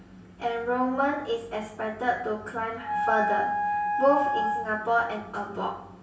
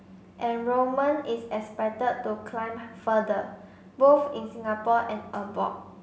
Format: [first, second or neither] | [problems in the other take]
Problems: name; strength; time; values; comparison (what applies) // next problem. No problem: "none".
second | background sound (Wind instrument, woodwind instrument); 1 dB below the speech // room echo; dies away in 0.1 s